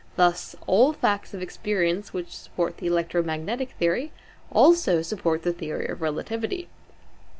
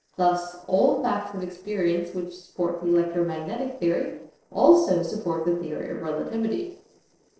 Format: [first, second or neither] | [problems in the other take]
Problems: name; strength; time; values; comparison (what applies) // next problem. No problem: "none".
first | noise reduction (neural separator model SepFormer DNS4)